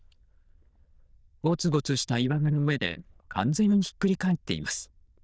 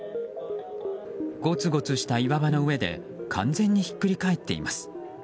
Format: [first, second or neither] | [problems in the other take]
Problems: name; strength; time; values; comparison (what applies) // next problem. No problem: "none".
second | noise reduction (neural diffusion model UNIVERSE++)